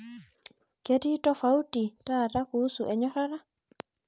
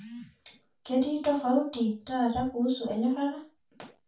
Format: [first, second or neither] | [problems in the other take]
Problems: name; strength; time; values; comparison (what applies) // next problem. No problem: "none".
first | room echo; dies away in 0.3 s